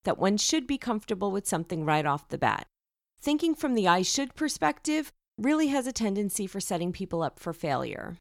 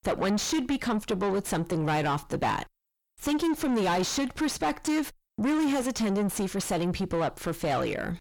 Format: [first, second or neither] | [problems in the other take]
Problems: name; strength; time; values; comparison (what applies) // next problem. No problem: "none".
first | distortion; heavy; 4 dB below the speech